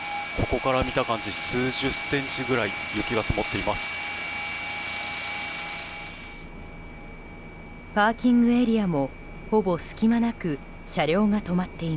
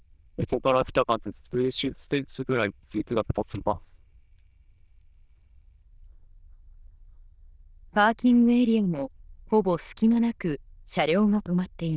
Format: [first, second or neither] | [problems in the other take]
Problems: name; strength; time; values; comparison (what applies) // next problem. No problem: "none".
first | noise reduction (neural diffusion model UNIVERSE++)